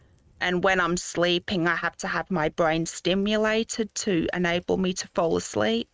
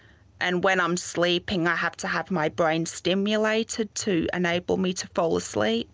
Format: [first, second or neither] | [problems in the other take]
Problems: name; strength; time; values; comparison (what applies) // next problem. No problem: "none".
second | noise reduction (neural mask model RNNoise)